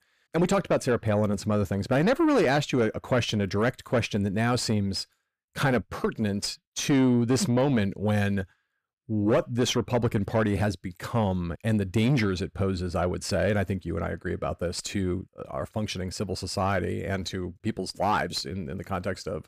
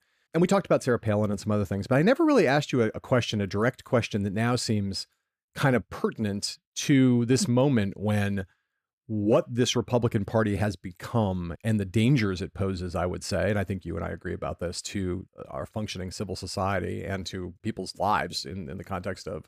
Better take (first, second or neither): second